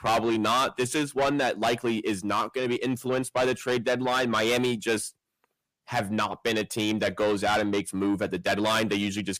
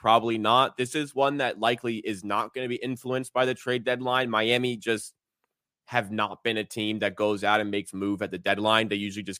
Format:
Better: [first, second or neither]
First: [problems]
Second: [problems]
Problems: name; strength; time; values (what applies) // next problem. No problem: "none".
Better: second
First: distortion; heavy; 6 dB below the speech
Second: none